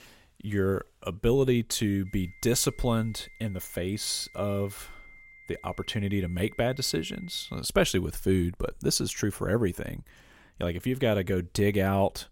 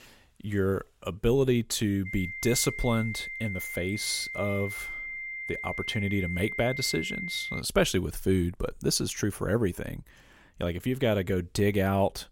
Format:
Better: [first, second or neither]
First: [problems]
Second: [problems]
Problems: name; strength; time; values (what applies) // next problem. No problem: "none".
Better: first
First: high-pitched whine; faint; from 2 to 7.5 s; 2 kHz, 20 dB below the speech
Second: high-pitched whine; loud; from 2 to 7.5 s; 2 kHz, 6 dB below the speech